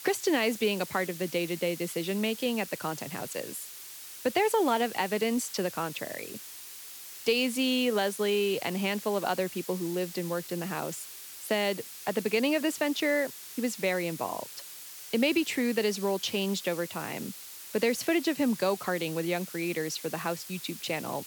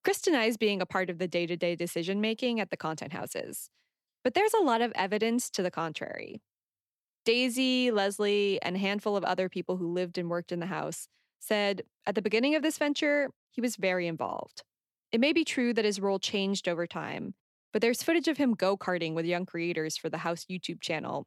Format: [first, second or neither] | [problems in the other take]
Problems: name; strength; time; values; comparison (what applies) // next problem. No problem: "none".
second | hiss; noticeable; throughout; 10 dB below the speech